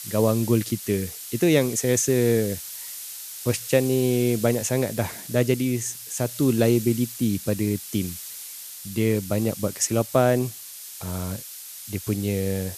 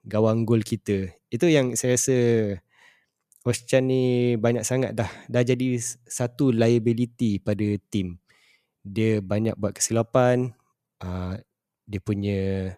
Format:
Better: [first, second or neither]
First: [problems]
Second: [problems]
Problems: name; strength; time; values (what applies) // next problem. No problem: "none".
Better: second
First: hiss; noticeable; throughout; 10 dB below the speech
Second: none